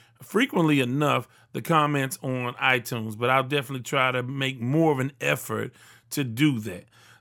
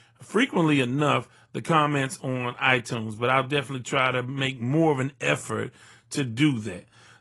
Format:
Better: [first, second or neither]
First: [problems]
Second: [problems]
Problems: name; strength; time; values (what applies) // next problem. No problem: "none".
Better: first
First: none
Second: garbled, watery; slightly; nothing above 10.5 kHz